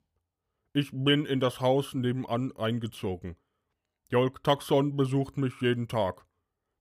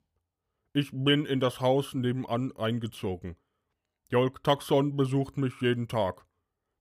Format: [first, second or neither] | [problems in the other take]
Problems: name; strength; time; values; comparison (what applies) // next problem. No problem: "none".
neither | none